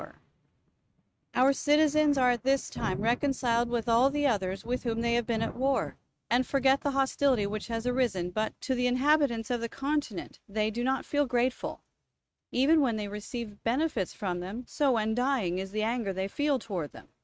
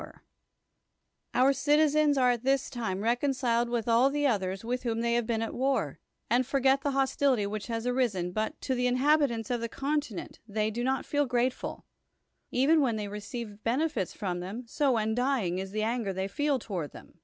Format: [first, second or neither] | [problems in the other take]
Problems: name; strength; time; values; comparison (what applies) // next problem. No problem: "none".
second | noise reduction (neural mask model RNNoise)